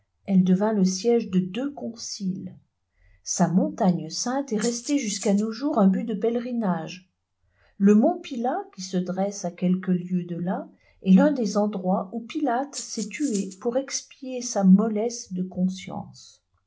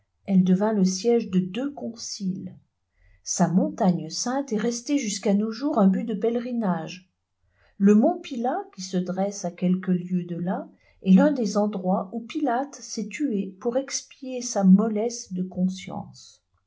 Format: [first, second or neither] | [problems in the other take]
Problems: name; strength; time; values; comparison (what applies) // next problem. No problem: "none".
second | background sound (Rattle (instrument)); 15 dB below the speech